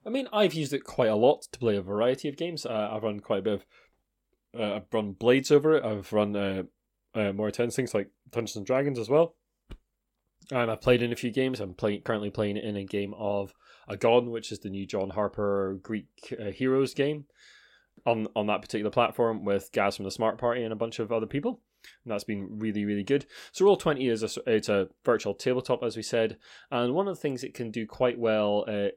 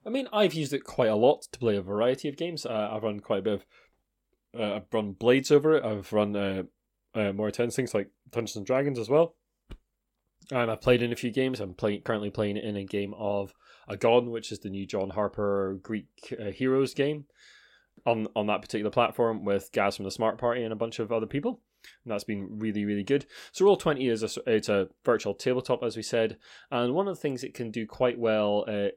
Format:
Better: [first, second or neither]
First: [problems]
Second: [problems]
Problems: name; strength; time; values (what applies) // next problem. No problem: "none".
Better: neither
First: none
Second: none